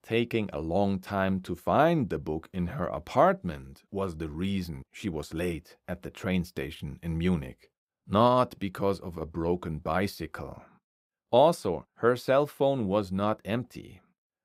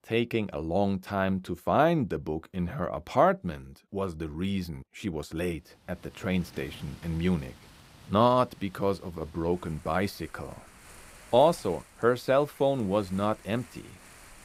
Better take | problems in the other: first | rain or running water; faint; from 6 s on; 25 dB below the speech

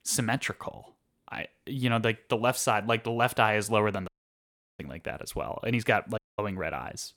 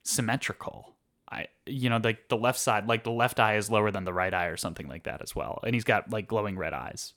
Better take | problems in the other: second | audio cutting out; at 4 s for 0.5 s and at 6 s

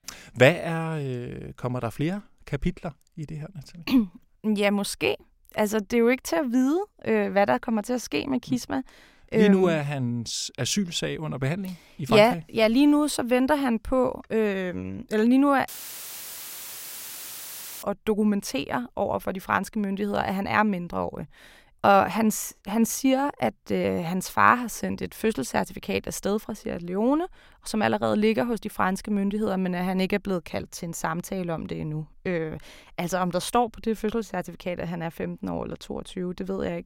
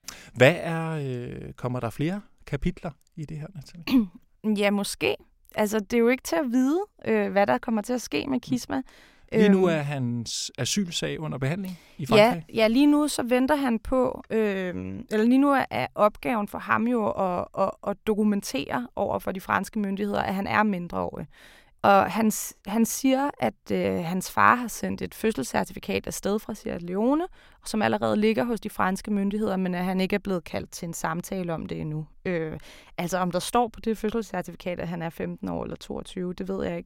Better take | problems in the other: second | audio cutting out; filled with static; at 16 s for 2 s

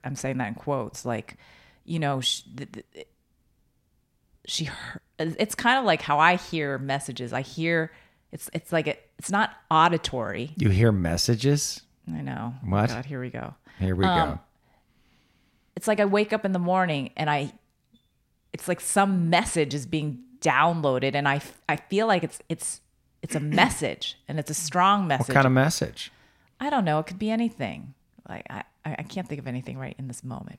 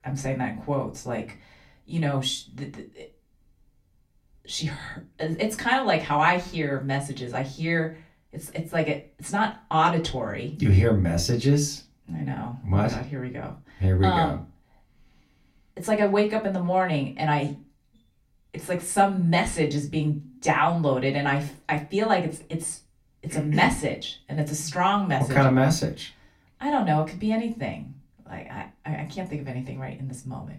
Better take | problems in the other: first | off-mic speech; far // room echo; very slight; dies away in 0.2 s

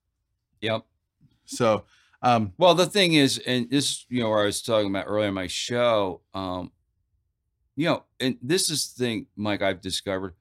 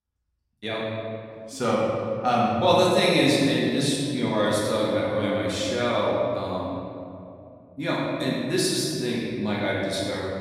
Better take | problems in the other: first | room echo; strong; dies away in 2.3 s // off-mic speech; far

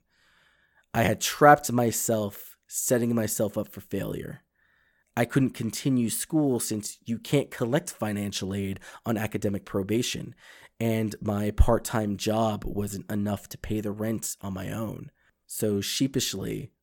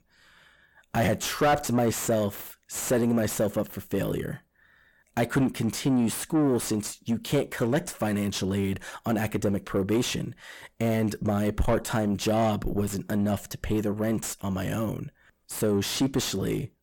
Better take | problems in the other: first | distortion; heavy; 6 dB below the speech

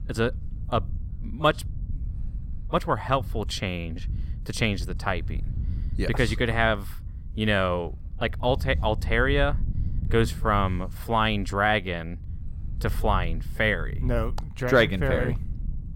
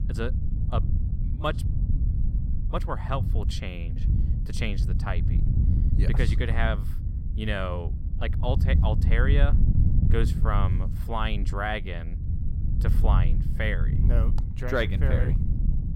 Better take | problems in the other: first | wind noise on the microphone; heavy; 9 dB below the speech; occasional gusts in the first

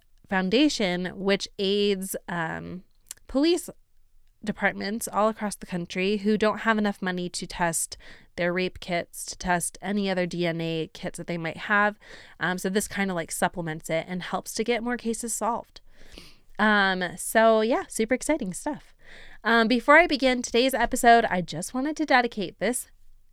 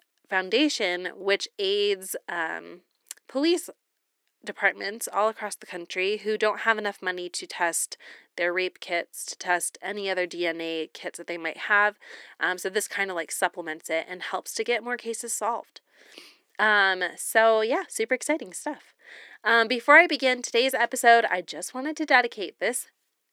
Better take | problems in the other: first | thin; somewhat; fading below 350 Hz

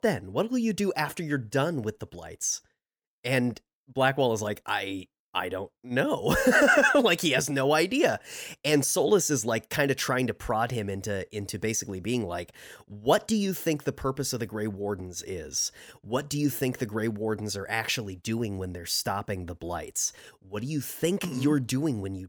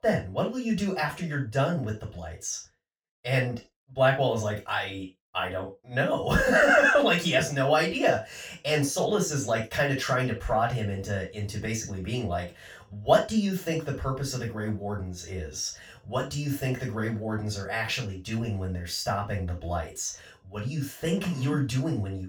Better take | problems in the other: first | room echo; slight; dies away in 0.2 s // off-mic speech; far

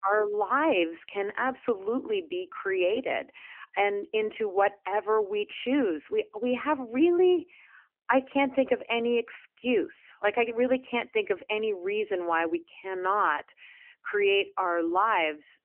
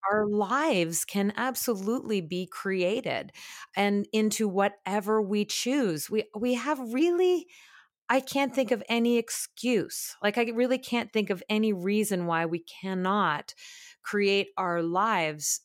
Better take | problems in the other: second | phone-call audio; nothing above 3 kHz

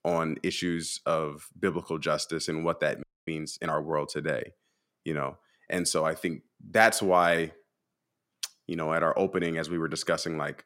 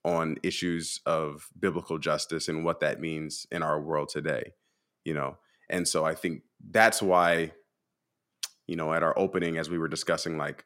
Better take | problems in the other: second | audio freezing; at 3 s

